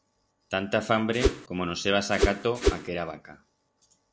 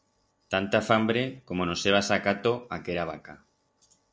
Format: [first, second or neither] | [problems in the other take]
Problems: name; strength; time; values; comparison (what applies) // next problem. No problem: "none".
second | background sound (Whoosh, swoosh, swish); 4 dB above the speech